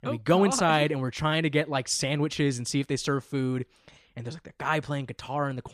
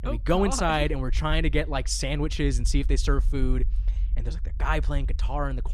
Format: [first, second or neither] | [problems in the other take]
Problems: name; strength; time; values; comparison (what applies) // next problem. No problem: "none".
first | low rumble; faint; throughout; 25 dB below the speech